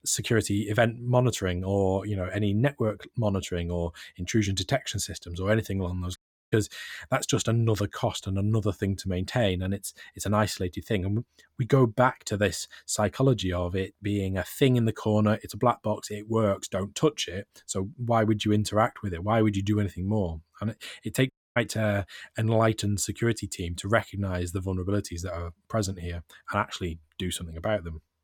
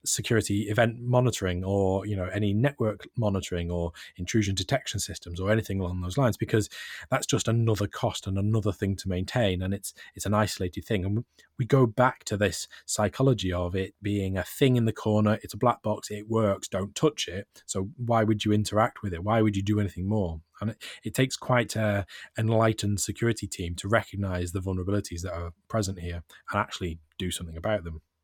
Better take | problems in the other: second | audio cutting out; at 6 s and at 21 s

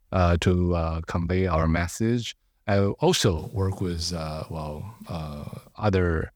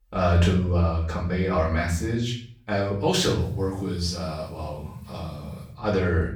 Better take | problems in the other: first | off-mic speech; far // room echo; slight; dies away in 0.5 s

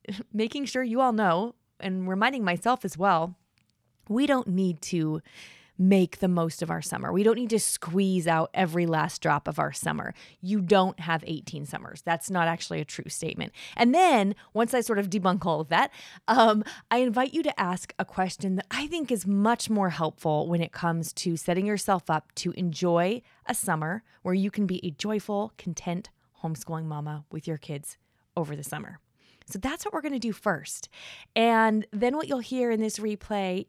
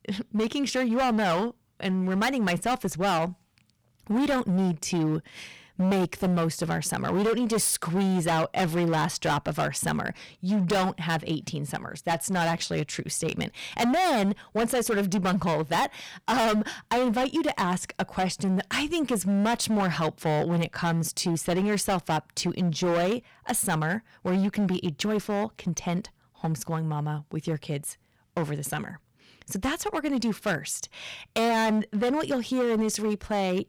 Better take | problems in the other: first | distortion; heavy; 16% of the sound clipped

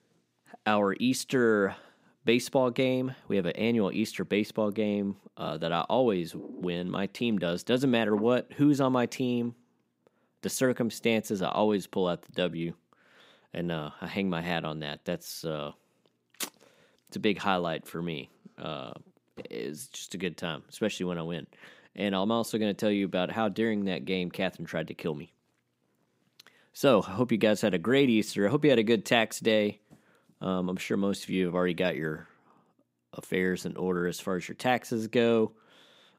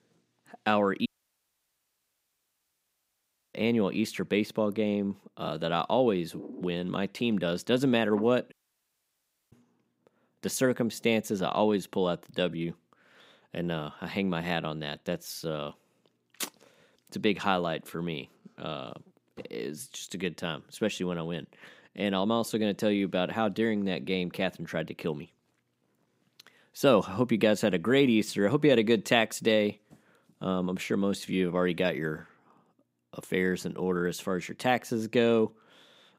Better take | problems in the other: first | audio cutting out; at 1 s for 2.5 s and at 8.5 s for 1 s

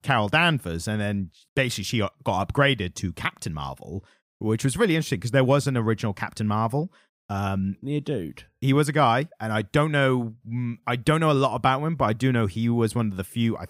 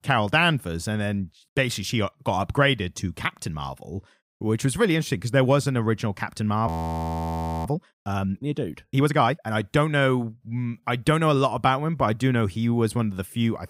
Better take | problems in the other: first | audio freezing; at 6.5 s for 1 s

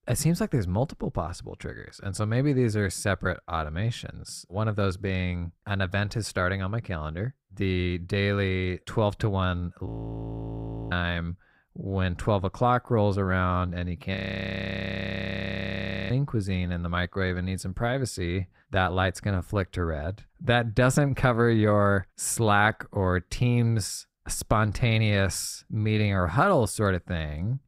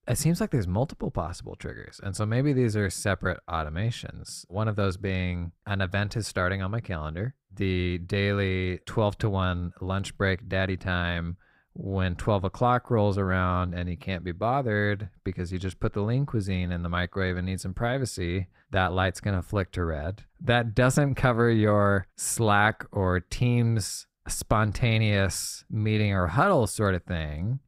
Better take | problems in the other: second | audio freezing; at 10 s for 1 s and at 14 s for 2 s

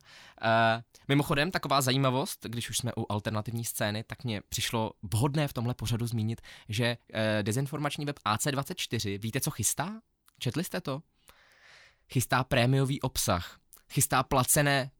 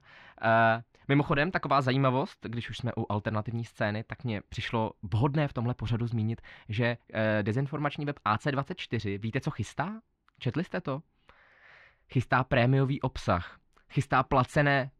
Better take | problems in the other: first | muffled; very; fading above 2 kHz

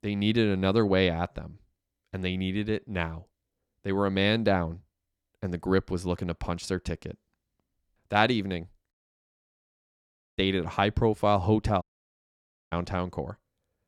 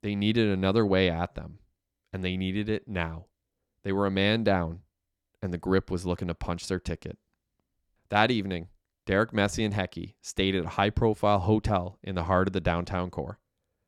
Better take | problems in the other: second | audio cutting out; at 9 s for 1.5 s and at 12 s for 1 s

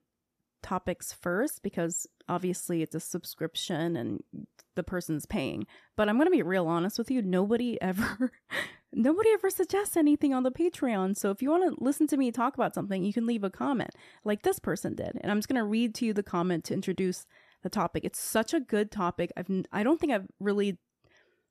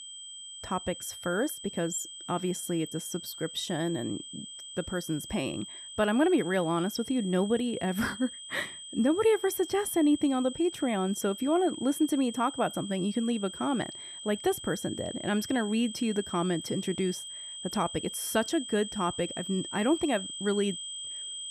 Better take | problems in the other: first | high-pitched whine; loud; throughout; 3 kHz, 10 dB below the speech

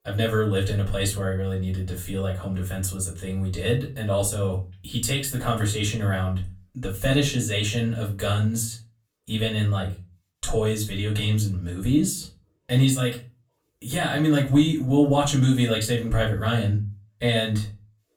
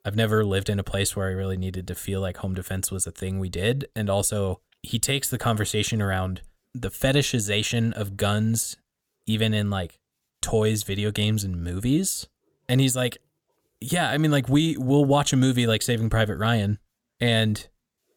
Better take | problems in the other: second | off-mic speech; far // room echo; very slight; dies away in 0.3 s

